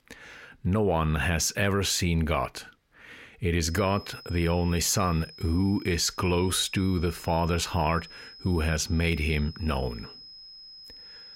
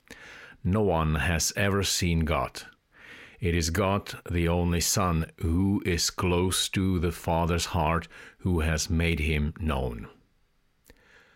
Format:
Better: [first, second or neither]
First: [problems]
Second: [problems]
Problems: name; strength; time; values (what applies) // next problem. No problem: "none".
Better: second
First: high-pitched whine; noticeable; from 3.5 s on; 5 kHz, 20 dB below the speech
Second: none